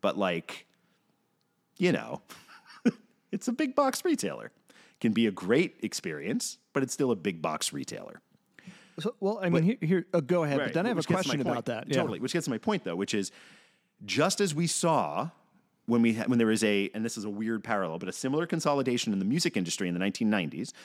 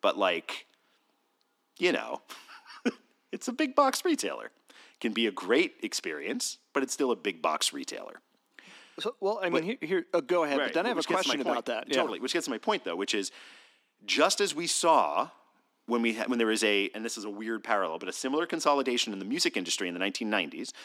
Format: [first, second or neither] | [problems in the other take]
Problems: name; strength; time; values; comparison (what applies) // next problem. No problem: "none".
first | thin; somewhat; fading below 300 Hz